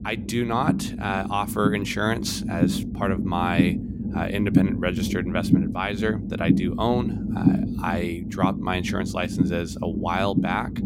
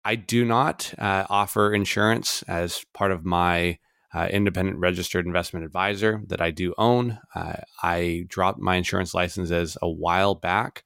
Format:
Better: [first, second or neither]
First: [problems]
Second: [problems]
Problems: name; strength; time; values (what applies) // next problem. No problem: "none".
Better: second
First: low rumble; loud; throughout; 5 dB below the speech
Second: none